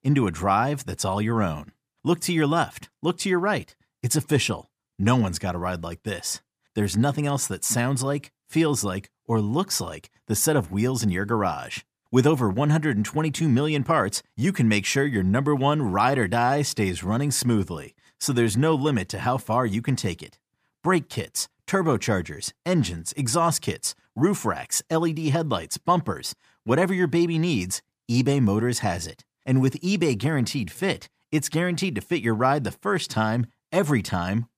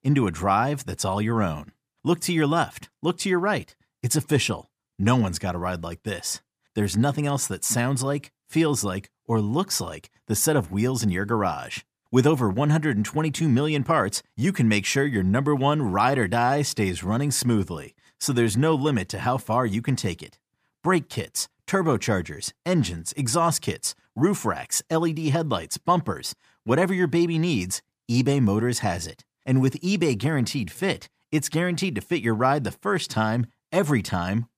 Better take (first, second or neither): neither